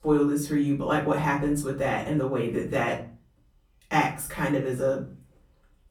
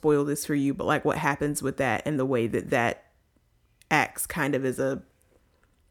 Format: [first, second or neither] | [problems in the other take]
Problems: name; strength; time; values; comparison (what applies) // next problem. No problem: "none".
second | off-mic speech; far // room echo; slight; dies away in 0.4 s